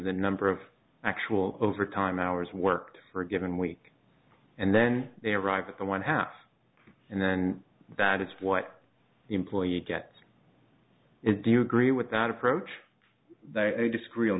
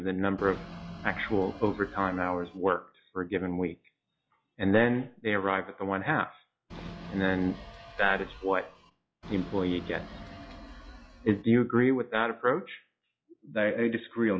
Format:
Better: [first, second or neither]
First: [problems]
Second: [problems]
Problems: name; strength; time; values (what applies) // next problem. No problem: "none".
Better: first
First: none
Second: noise reduction (classical method log-MMSE)